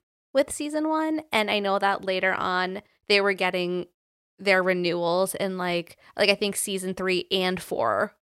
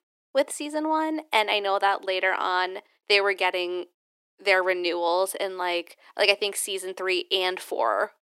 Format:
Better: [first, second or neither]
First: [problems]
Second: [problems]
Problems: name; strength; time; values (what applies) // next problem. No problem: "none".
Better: first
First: none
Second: thin; somewhat; fading below 300 Hz